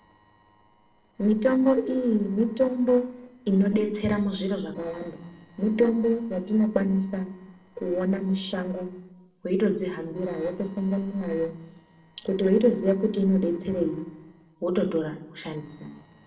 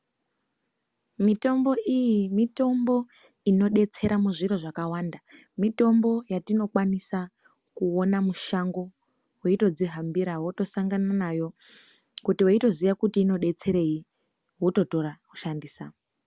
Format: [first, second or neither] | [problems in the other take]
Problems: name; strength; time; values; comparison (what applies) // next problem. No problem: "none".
second | noise reduction (neural separator model SepFormer DNS4)